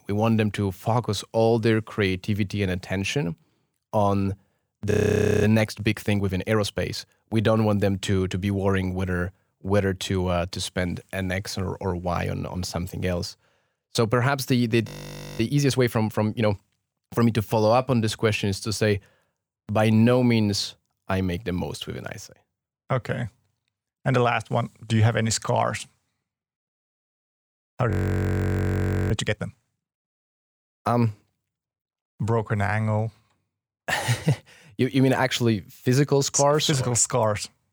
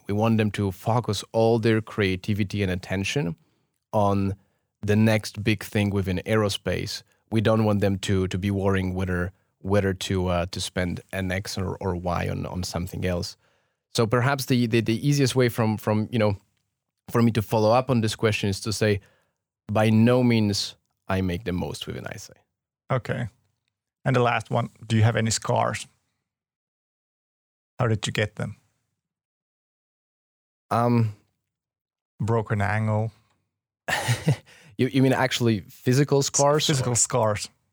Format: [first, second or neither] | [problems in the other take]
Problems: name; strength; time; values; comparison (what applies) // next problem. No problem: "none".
second | audio freezing; at 5 s for 0.5 s, at 15 s for 0.5 s and at 28 s for 1 s